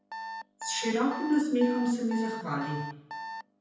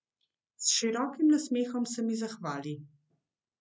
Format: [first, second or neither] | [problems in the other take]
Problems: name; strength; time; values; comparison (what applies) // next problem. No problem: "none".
second | background sound (Alarm); 10 dB below the speech // room echo; dies away in 0.9 s